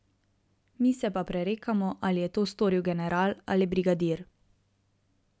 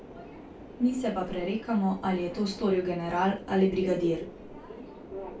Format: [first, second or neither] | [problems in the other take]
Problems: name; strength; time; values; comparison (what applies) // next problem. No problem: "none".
first | background sound (Subway, metro, underground); 13 dB below the speech // room echo; dies away in 0.2 s